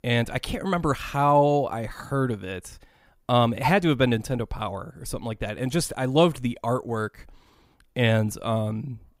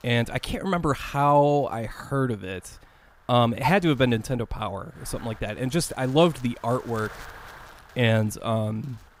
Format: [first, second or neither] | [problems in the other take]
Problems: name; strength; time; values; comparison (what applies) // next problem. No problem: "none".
first | wind noise on the microphone; occasional gusts; 20 dB below the speech